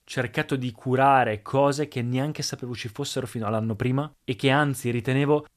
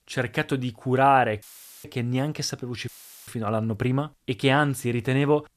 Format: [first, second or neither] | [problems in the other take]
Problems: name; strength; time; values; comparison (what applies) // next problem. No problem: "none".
first | audio cutting out; filled with static; at 1.5 s and at 3 s